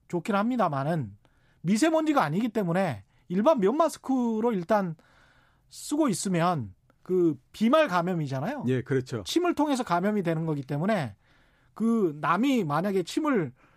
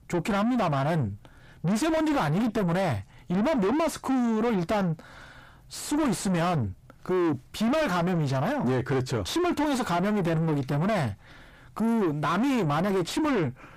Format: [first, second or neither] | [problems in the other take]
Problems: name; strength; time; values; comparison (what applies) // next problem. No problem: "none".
first | distortion; heavy; 5 dB below the speech